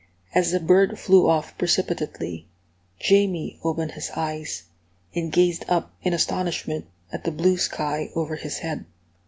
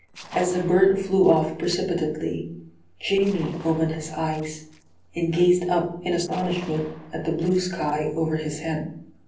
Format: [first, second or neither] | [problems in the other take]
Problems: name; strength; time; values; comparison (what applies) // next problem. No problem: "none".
first | noise reduction (neural separator model SepFormer DNS4)